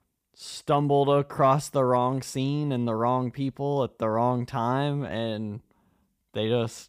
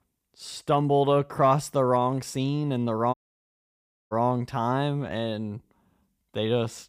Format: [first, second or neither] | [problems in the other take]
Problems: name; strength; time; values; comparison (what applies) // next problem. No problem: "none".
first | audio cutting out; at 3 s for 1 s